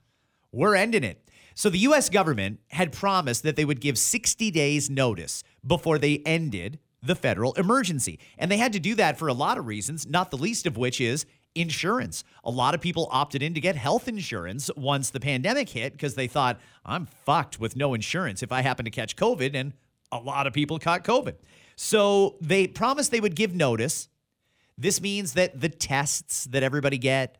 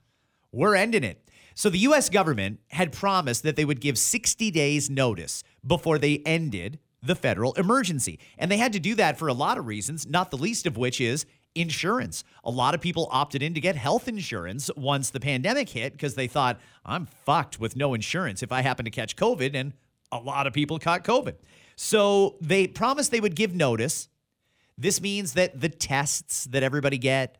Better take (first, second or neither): neither